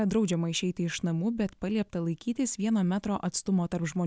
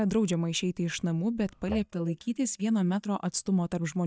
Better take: first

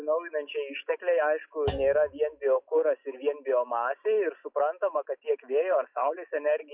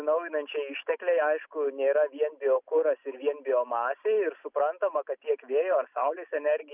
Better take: second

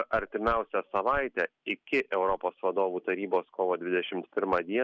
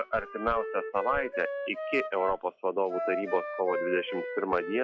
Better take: first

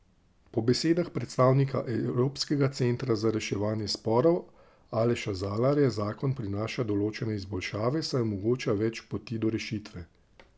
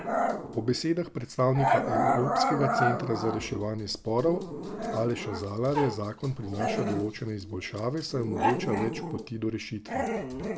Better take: first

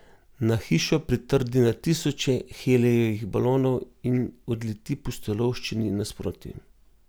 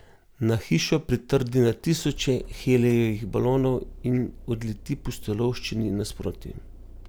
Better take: first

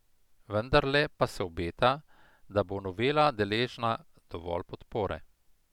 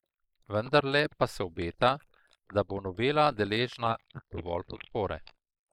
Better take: first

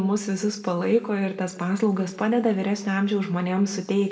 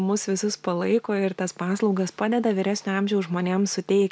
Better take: second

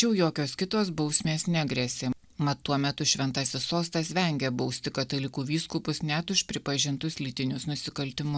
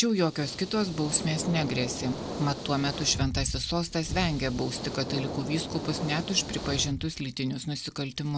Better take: first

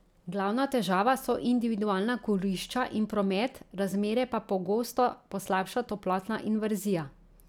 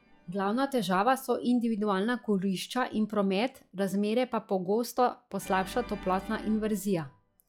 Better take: first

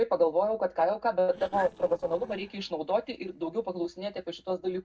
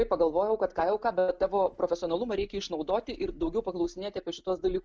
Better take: second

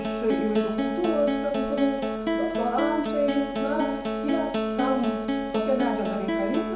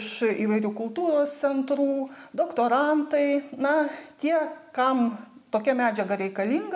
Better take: second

